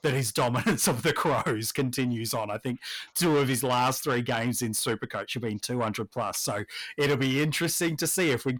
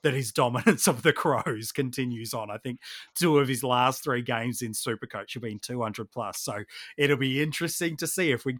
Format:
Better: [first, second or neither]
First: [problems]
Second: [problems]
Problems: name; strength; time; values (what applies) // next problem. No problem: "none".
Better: second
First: distortion; heavy; 7 dB below the speech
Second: none